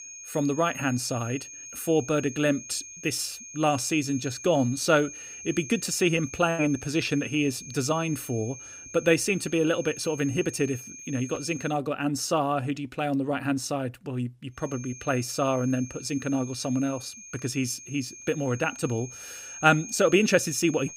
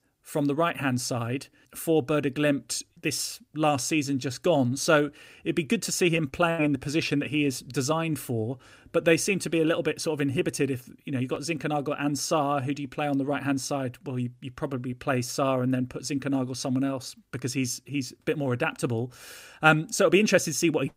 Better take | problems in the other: second | high-pitched whine; noticeable; until 12 s and from 15 s on; 6.5 kHz, 15 dB below the speech

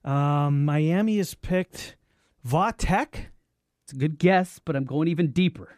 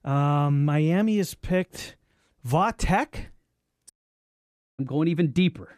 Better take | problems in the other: first | audio cutting out; at 4 s for 1 s

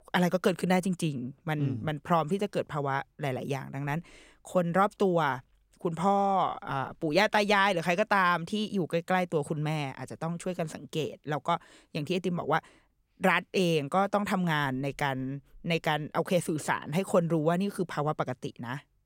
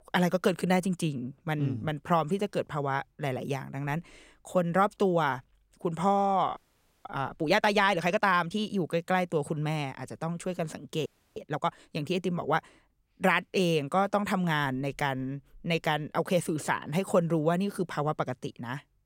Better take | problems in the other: first | audio freezing; at 6.5 s and at 11 s

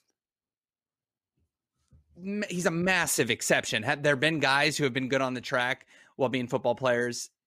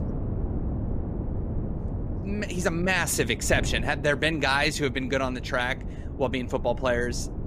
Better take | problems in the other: first | wind noise on the microphone; occasional gusts; 15 dB below the speech

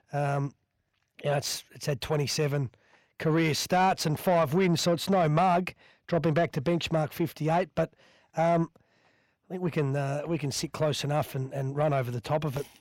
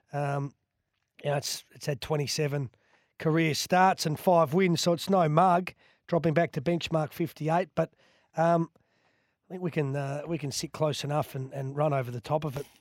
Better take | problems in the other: second | distortion; slight; 10 dB below the speech

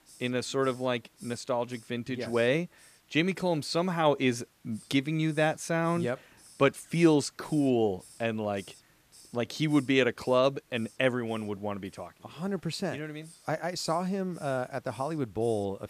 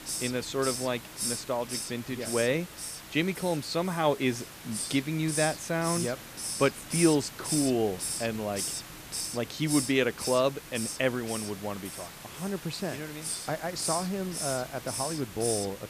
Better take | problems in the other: first | hiss; loud; throughout; 5 dB below the speech; faint in the first

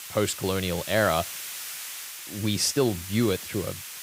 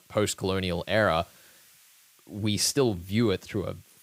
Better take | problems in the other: second | hiss; loud; throughout; 9 dB below the speech; faint in the second

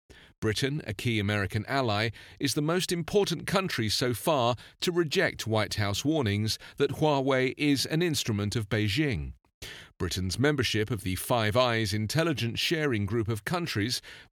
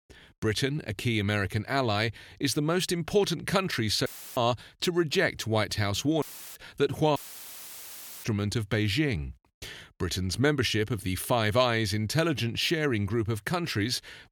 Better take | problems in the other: first | audio cutting out; filled with static; at 4 s, at 6 s and at 7 s for 1 s

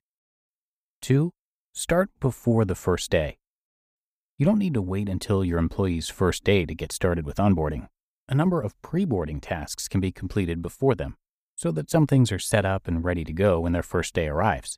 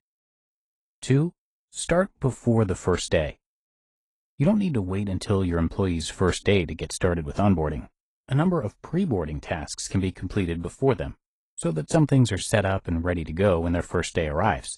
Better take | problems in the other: first | garbled, watery; slightly

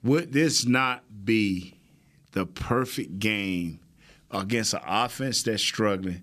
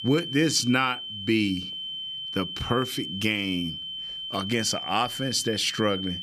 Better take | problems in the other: first | high-pitched whine; loud; throughout; 3 kHz, 6 dB below the speech

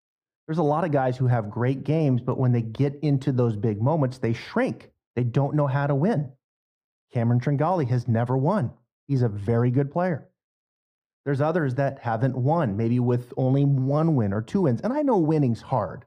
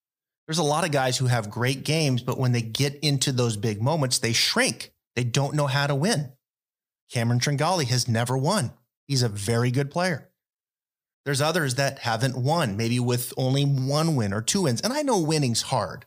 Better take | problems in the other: second | muffled; very; fading above 2.5 kHz

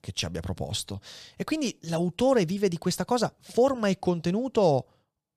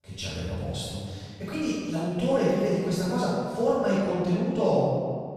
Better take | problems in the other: first | off-mic speech; far // room echo; strong; dies away in 1.9 s

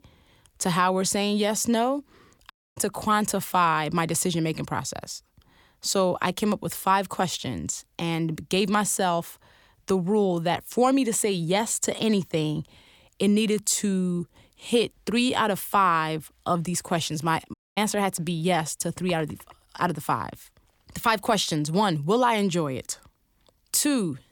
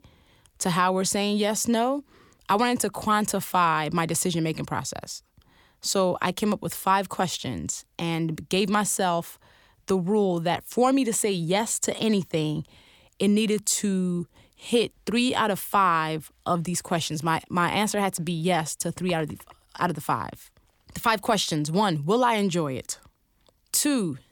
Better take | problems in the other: second | audio cutting out; at 2.5 s and at 18 s

